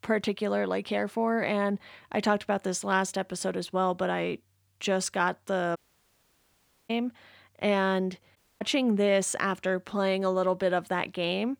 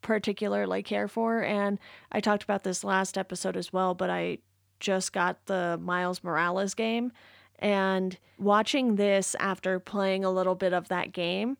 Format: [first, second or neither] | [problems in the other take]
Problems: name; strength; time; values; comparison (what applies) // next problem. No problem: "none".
second | audio cutting out; at 6 s for 1 s and at 8.5 s